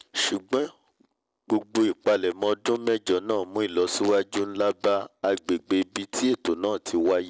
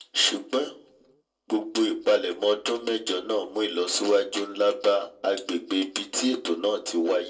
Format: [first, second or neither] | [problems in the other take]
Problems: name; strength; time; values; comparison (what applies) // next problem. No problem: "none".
first | room echo; dies away in 0.2 s